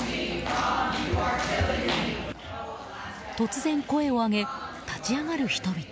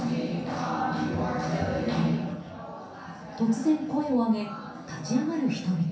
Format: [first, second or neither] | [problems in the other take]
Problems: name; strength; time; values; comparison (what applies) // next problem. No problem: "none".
first | room echo; dies away in 0.6 s